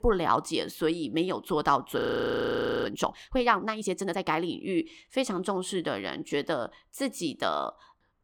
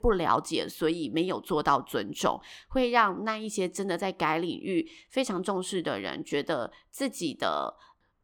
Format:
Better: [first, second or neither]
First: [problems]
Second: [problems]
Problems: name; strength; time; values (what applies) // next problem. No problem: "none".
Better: second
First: audio freezing; at 2 s for 1 s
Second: none